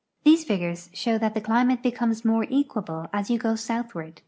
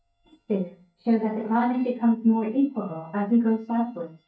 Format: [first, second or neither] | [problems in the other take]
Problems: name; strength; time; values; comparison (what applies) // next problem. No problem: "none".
first | noise reduction (neural mask model DeepFilterNet 3)